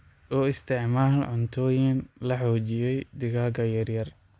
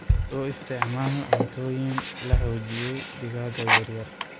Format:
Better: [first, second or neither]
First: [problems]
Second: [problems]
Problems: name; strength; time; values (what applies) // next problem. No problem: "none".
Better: first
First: none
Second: background sound (Bass drum + Sink (filling or washing)); 3 dB above the speech